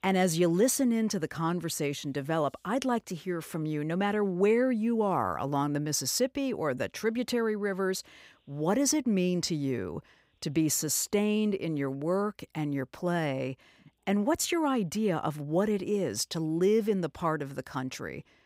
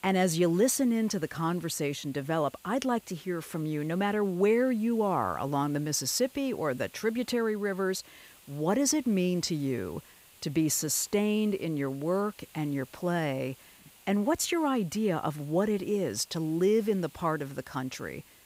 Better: first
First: none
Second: hiss; faint; throughout; 25 dB below the speech

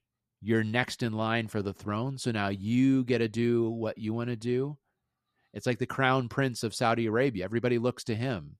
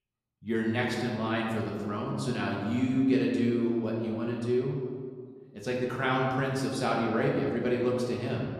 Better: first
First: none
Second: room echo; noticeable; dies away in 1.6 s // off-mic speech; far

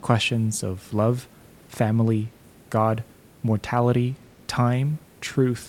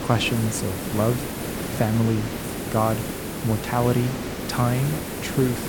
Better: first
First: hiss; faint; throughout; 25 dB below the speech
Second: hiss; loud; throughout; 5 dB below the speech

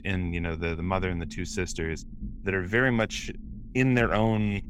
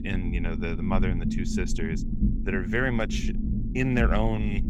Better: first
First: low rumble; faint; throughout; 25 dB below the speech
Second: low rumble; loud; throughout; 8 dB below the speech

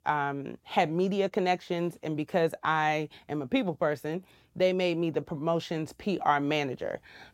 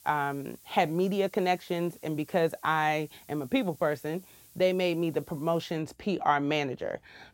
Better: first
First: none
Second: hiss; faint; until 5.5 s; 25 dB below the speech

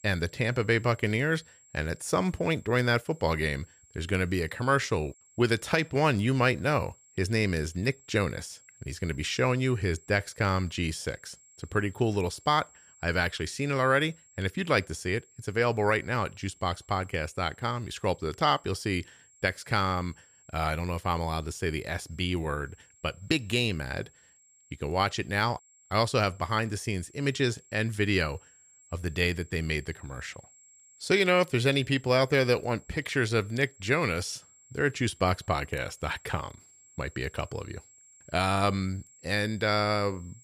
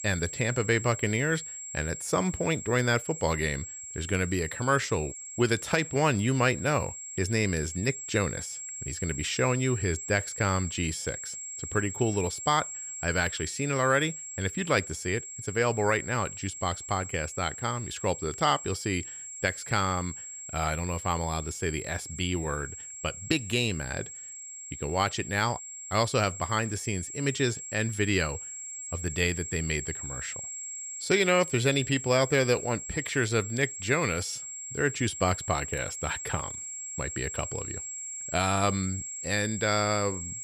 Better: first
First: high-pitched whine; faint; throughout; 7.5 kHz, 25 dB below the speech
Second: high-pitched whine; loud; throughout; 7.5 kHz, 8 dB below the speech

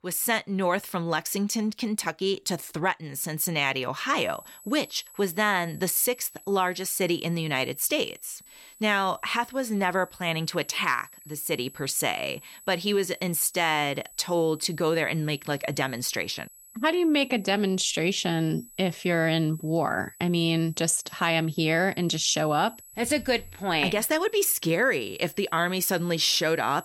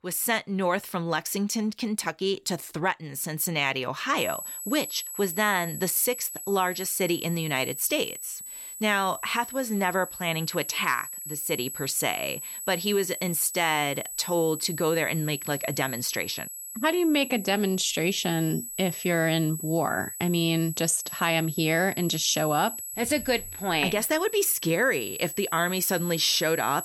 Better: first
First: high-pitched whine; faint; from 4 s on; 8 kHz, 20 dB below the speech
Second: high-pitched whine; loud; from 4 s on; 8 kHz, 8 dB below the speech

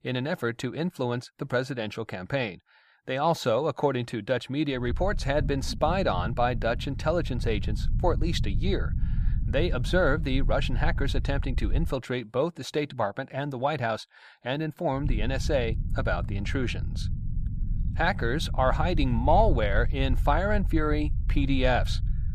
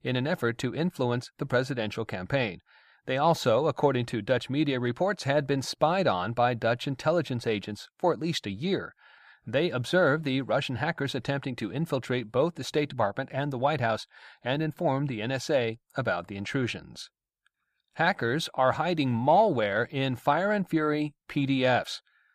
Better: second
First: low rumble; noticeable; from 5 to 12 s and from 15 s on; 20 dB below the speech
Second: none

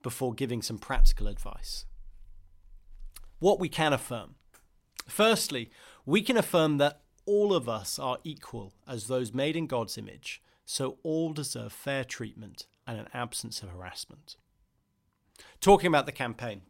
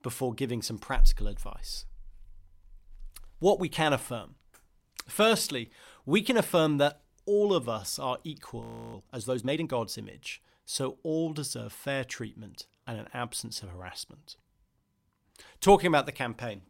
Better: first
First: none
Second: audio freezing; at 8.5 s

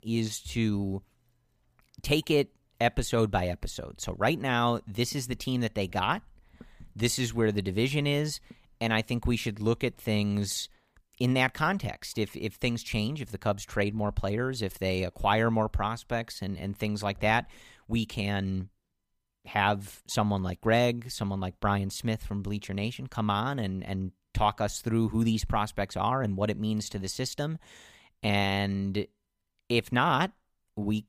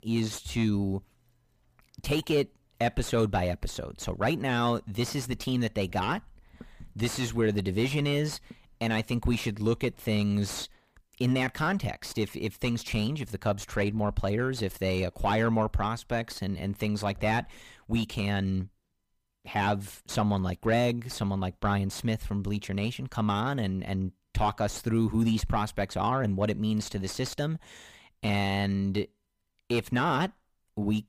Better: first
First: none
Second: distortion; slight; 10 dB below the speech

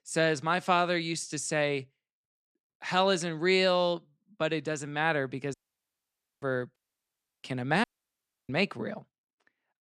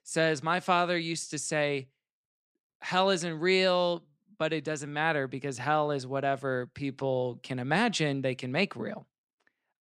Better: second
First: audio cutting out; at 5.5 s for 1 s, at 7 s for 0.5 s and at 8 s for 0.5 s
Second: none

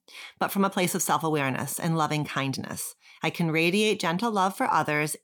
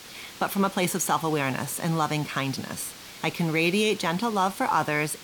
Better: first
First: none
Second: hiss; noticeable; throughout; 15 dB below the speech

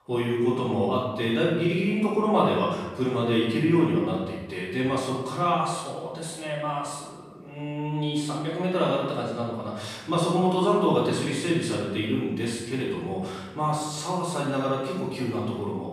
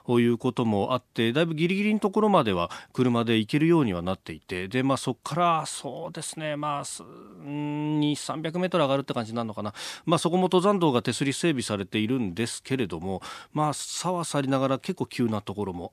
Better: second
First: off-mic speech; far // room echo; strong; dies away in 1 s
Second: none

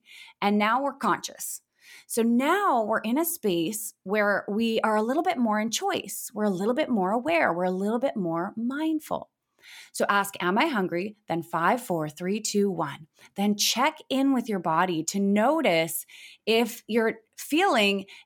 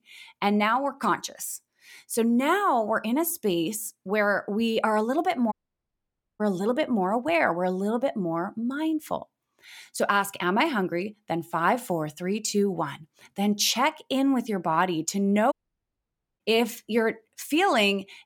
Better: first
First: none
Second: audio cutting out; at 5.5 s for 1 s and at 16 s for 1 s

